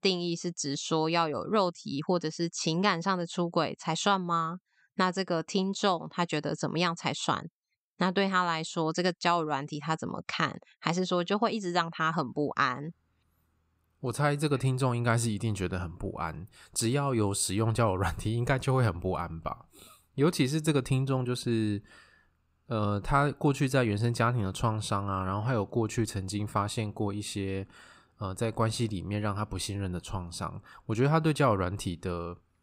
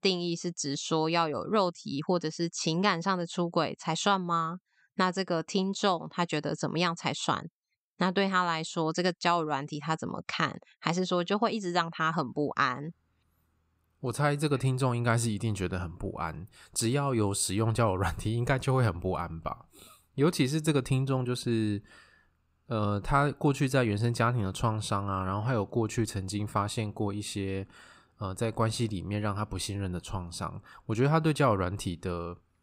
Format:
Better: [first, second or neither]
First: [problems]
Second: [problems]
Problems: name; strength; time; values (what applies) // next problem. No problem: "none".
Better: neither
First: none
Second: none